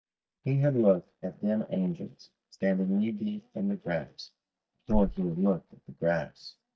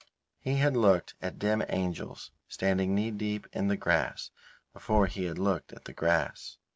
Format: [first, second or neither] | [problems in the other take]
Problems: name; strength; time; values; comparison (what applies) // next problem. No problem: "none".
second | noise reduction (neural mask model DeepFilterNet 3)